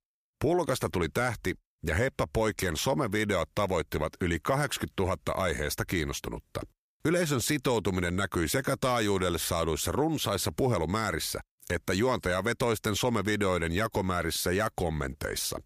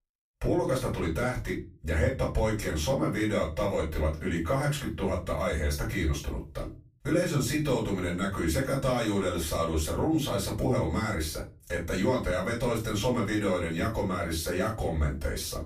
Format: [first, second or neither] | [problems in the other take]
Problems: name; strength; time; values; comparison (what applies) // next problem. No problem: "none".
first | off-mic speech; far // room echo; slight; dies away in 0.3 s